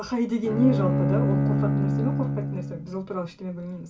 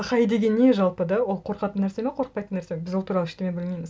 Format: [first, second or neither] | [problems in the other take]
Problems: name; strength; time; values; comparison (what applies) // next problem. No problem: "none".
second | background sound (Bowed string instrument); 3 dB above the speech // room echo; dies away in 0.2 s